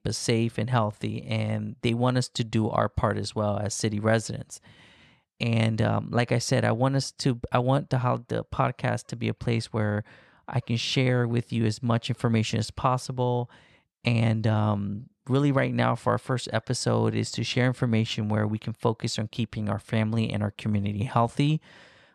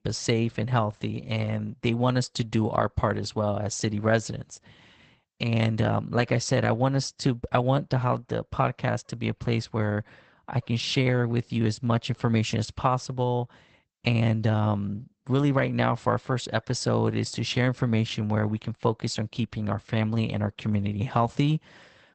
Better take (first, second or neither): first